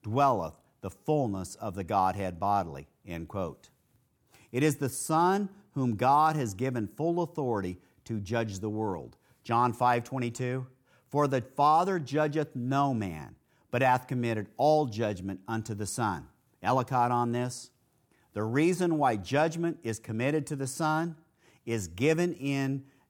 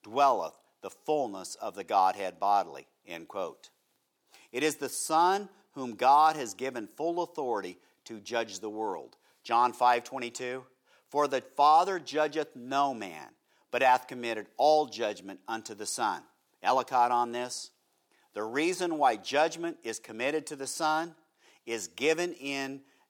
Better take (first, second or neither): first